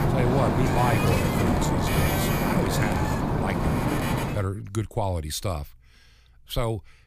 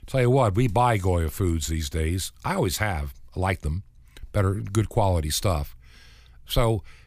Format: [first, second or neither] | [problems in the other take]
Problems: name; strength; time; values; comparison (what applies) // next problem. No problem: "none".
second | wind noise on the microphone; heavy; until 4.5 s; 4 dB above the speech